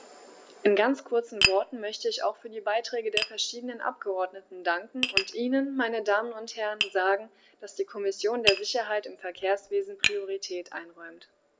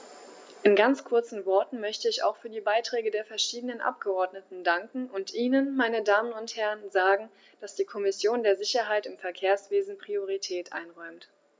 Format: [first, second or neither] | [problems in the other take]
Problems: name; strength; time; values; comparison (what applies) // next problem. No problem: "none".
second | background sound (Tap); 5 dB below the speech